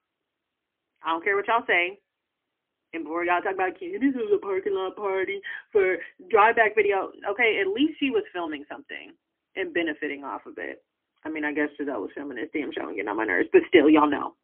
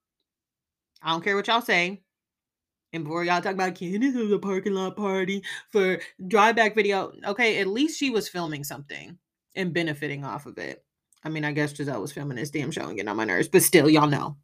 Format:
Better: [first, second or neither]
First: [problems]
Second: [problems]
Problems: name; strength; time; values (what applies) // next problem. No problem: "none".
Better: second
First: phone-call audio; poor line; nothing above 3 kHz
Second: none